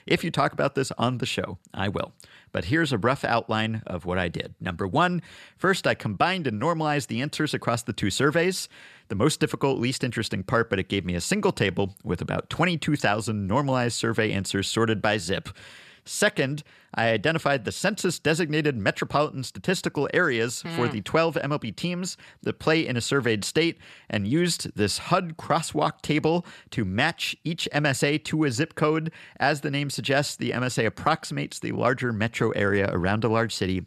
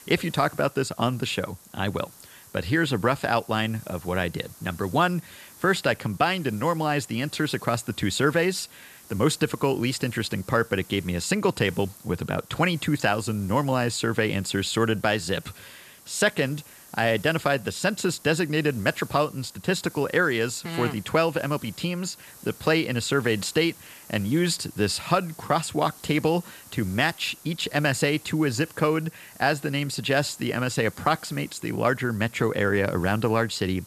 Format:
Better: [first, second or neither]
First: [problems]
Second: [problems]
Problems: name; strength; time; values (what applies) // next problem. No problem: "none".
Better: first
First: none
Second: hiss; faint; throughout; 20 dB below the speech